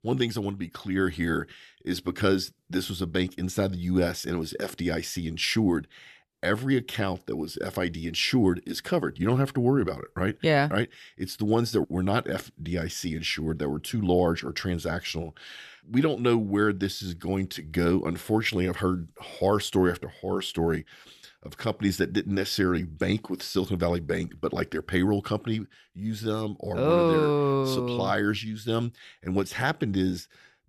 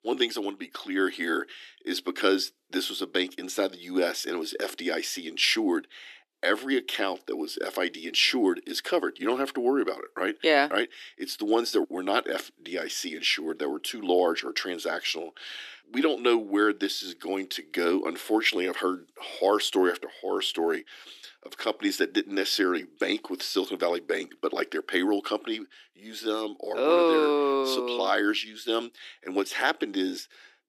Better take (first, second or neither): first